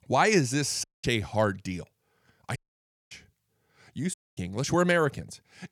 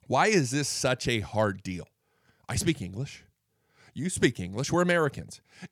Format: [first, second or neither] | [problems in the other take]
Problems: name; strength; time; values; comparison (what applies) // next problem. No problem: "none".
second | audio cutting out; at 1 s, at 2.5 s for 0.5 s and at 4 s